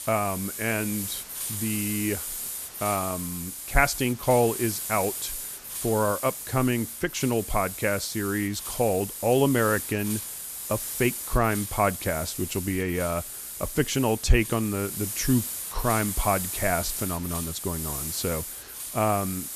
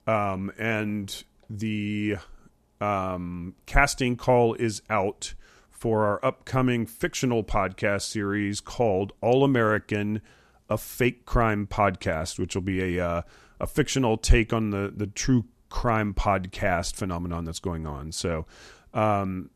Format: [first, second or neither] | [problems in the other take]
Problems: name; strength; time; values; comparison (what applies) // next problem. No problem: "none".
second | hiss; loud; throughout; 5 dB below the speech